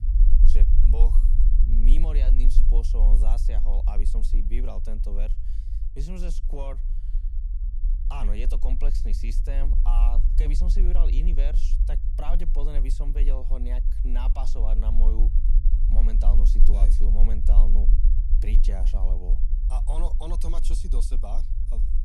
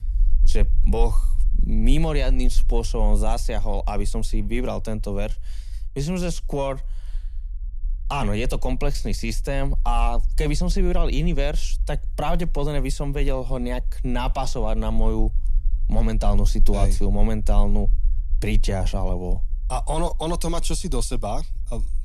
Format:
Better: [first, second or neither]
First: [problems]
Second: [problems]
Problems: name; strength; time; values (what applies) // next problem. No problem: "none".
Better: second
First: low rumble; loud; throughout; 7 dB below the speech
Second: low rumble; faint; throughout; 25 dB below the speech